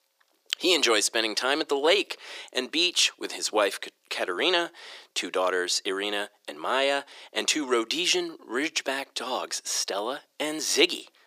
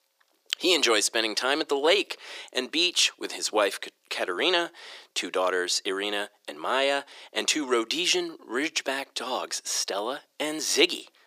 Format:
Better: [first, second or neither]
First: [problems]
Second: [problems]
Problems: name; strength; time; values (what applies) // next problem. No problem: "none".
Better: neither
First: thin; very; fading below 350 Hz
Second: thin; very; fading below 350 Hz